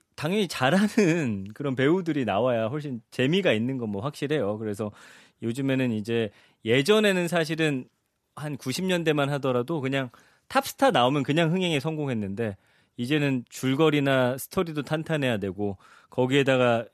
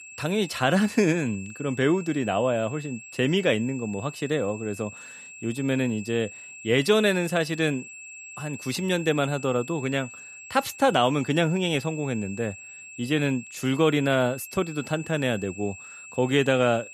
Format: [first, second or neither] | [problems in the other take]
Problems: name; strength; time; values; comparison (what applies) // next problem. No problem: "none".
first | high-pitched whine; noticeable; throughout; 2.5 kHz, 15 dB below the speech